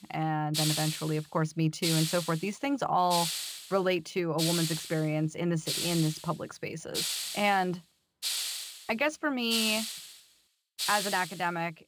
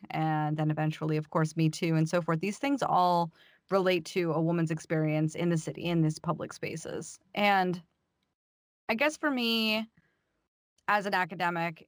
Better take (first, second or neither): second